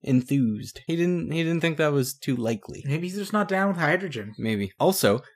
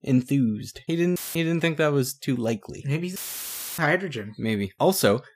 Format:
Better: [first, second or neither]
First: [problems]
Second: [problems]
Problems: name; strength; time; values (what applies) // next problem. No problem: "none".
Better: first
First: none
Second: audio cutting out; filled with static; at 1 s and at 3 s for 0.5 s